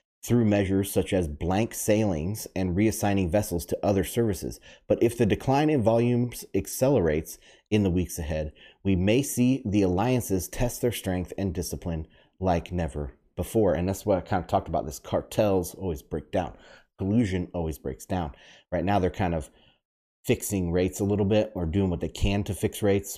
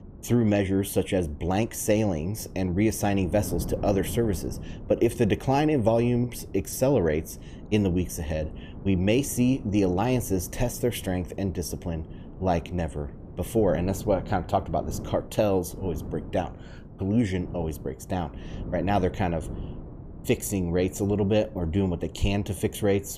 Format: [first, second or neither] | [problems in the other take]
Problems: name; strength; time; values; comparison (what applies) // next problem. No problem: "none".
first | wind noise on the microphone; occasional gusts; 20 dB below the speech